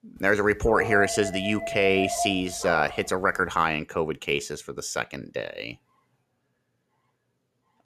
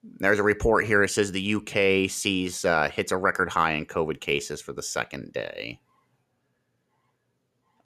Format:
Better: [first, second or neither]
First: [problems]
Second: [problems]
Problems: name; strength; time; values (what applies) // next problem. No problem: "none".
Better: second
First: dog barking; noticeable; until 3 s; peak 4 dB below the speech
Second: none